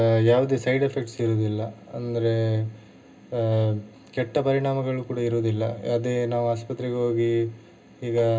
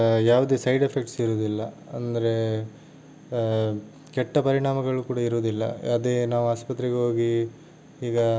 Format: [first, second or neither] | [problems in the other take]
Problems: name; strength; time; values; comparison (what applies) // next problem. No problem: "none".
second | room echo; dies away in 0.2 s